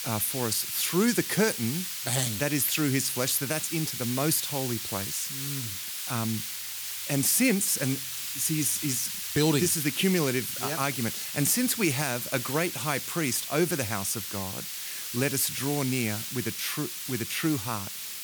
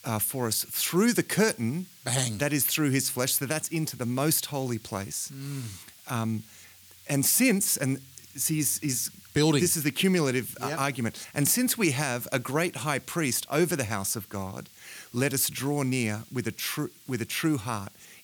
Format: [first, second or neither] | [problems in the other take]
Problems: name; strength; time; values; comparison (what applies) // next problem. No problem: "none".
second | hiss; loud; throughout; 4 dB below the speech; faint in the second